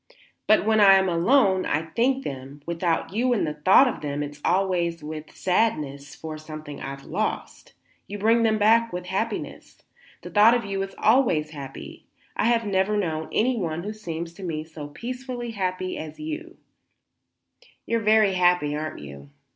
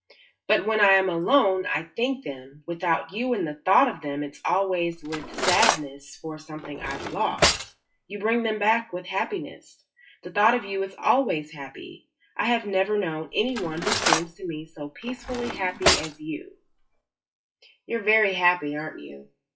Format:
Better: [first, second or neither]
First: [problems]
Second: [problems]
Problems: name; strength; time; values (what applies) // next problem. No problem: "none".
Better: first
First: none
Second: noise reduction (classical method WPE with log-MMSE)